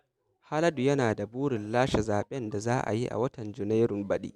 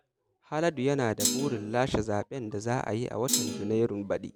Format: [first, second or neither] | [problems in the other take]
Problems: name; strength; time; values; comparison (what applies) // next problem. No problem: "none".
first | background sound (Thump, thud); 3 dB below the speech